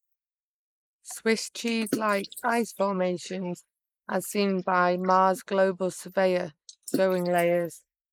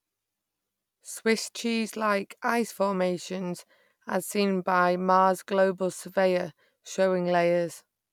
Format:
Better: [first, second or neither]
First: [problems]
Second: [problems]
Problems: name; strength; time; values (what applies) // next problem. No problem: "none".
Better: second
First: noise reduction (neural mask model Resemble Enhance denoiser)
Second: none